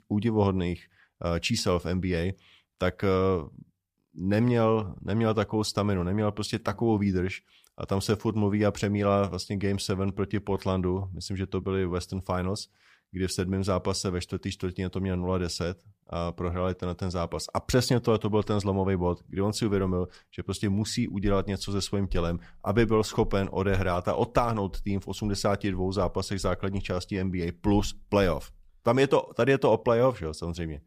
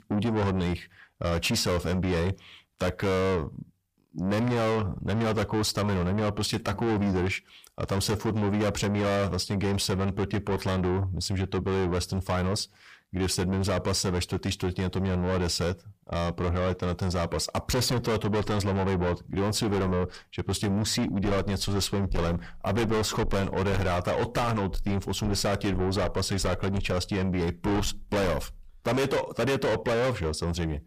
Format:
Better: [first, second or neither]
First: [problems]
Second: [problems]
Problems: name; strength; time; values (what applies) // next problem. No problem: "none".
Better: first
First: none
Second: distortion; heavy; 6 dB below the speech